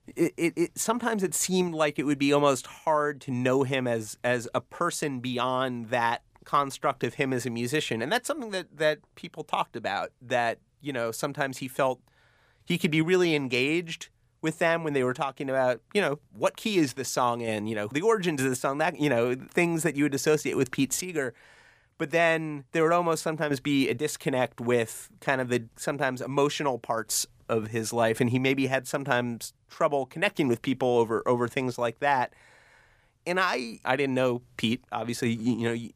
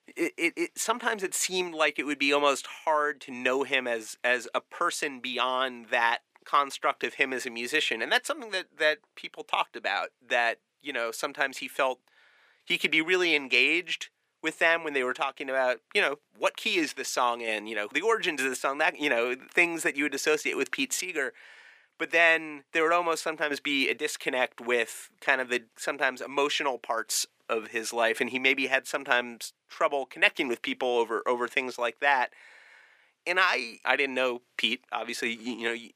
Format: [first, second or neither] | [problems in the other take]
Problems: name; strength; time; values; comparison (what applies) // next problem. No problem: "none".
first | thin; somewhat; fading below 300 Hz